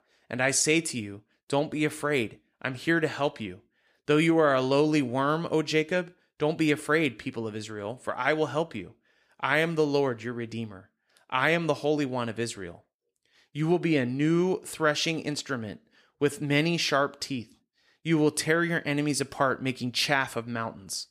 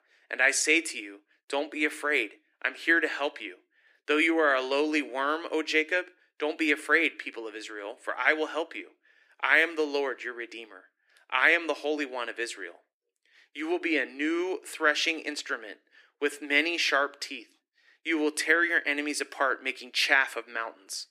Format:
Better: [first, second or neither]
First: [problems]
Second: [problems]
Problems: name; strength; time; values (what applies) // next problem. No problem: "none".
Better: first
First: none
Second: thin; somewhat; fading below 300 Hz